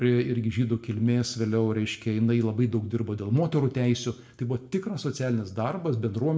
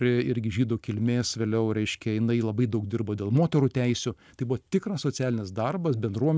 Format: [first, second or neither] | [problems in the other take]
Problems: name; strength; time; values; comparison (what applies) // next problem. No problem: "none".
second | room echo; dies away in 0.5 s